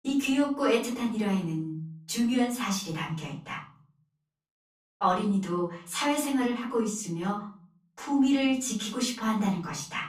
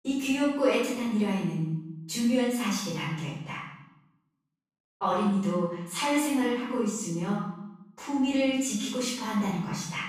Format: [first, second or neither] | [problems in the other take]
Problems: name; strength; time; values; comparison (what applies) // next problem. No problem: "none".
first | room echo; strong; dies away in 0.8 s; slight in the first // off-mic speech; far; far in the first